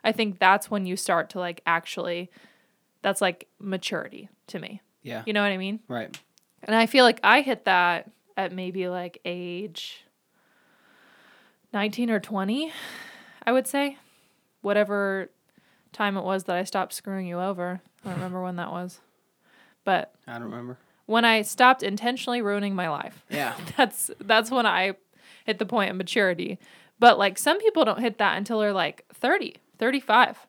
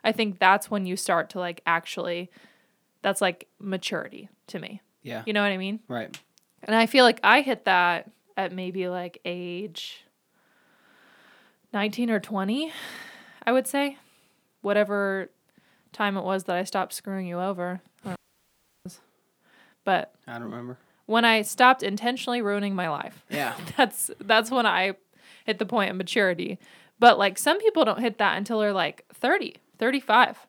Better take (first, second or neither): first